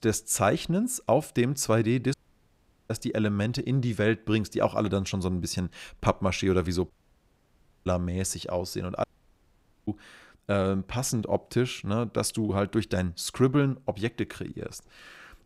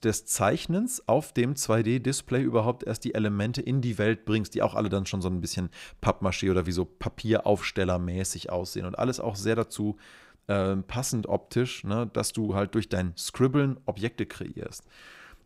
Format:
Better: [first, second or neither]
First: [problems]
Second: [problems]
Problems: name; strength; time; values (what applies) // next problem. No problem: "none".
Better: second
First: audio cutting out; at 2 s for 1 s, at 7 s for 1 s and at 9 s for 1 s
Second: none